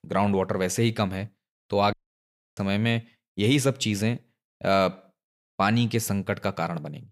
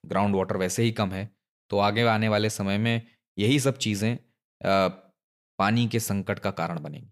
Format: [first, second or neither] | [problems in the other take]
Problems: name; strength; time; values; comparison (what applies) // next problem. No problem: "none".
second | audio cutting out; at 2 s for 0.5 s